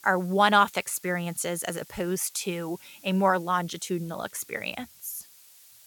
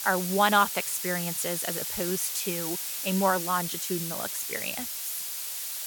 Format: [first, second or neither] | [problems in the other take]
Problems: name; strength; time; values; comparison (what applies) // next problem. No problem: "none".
first | hiss; loud; throughout; 2 dB below the speech; faint in the first